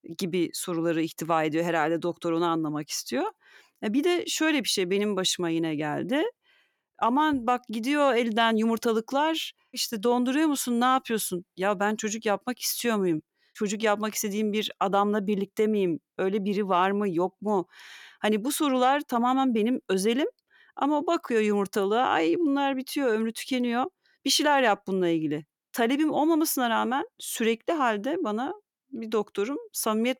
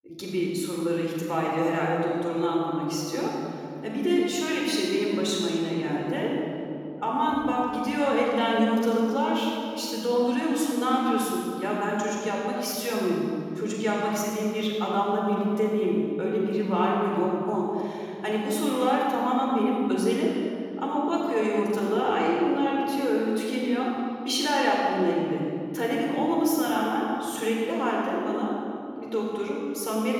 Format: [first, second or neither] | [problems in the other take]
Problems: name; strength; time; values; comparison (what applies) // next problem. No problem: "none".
first | room echo; strong; dies away in 3 s // off-mic speech; far